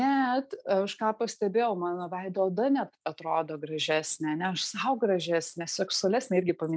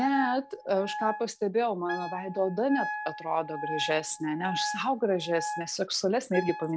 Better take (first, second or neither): first